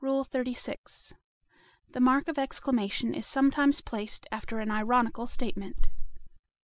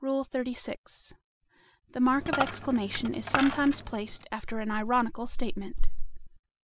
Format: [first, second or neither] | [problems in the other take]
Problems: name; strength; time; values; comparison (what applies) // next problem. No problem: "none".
first | background sound (Coin (dropping)); 7 dB below the speech